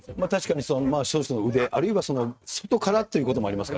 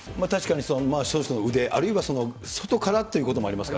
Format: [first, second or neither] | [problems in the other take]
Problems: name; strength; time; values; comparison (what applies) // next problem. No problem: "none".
second | noise reduction (neural mask model RNNoise)